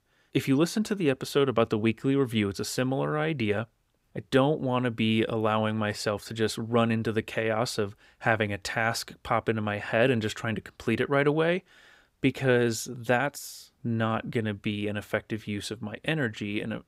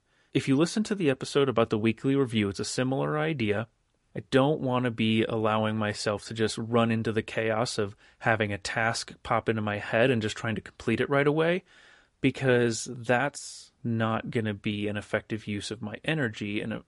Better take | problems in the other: first | garbled, watery; slightly; nothing above 11 kHz

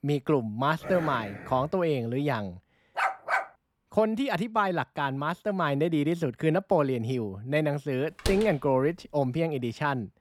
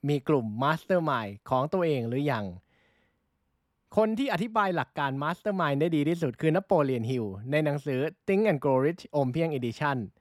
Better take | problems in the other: second | dog barking; noticeable; at 1 s; peak 9 dB below the speech // dog barking; loud; at 3 s; peak 1 dB above the speech // door banging; noticeable; at 8.5 s; peak 6 dB below the speech

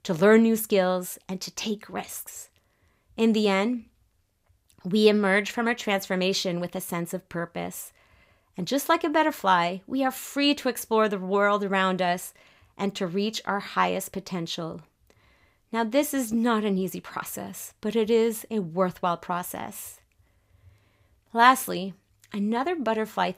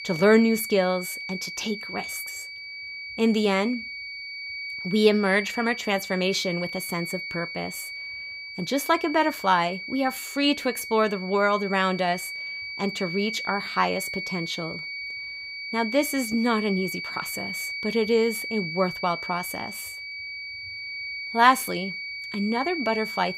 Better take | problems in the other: first | high-pitched whine; loud; throughout; 2.5 kHz, 7 dB below the speech

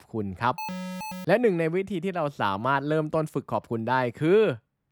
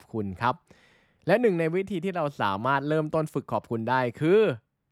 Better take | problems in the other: second | alarm; noticeable; at 0.5 s; peak 8 dB below the speech

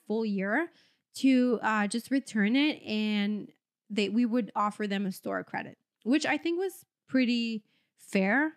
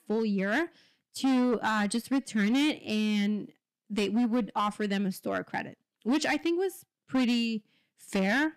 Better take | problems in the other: first | distortion; slight; 10% of the sound clipped

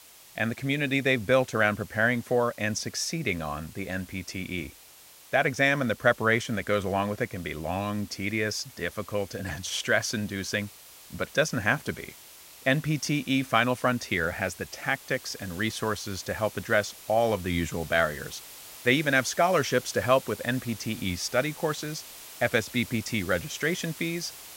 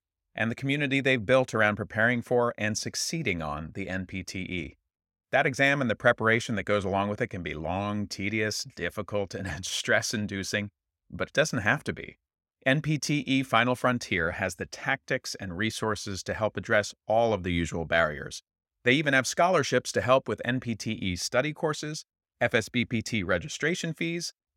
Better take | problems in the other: second | hiss; noticeable; throughout; 15 dB below the speech

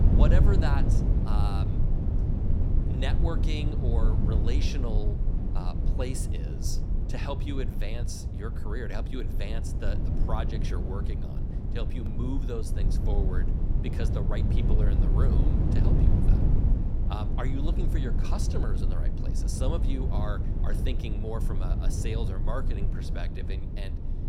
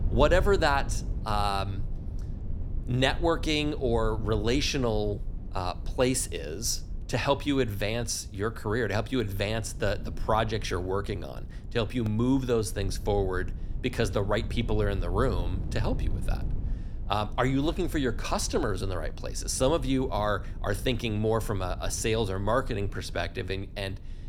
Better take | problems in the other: second | low rumble; loud; throughout; 2 dB below the speech; faint in the second

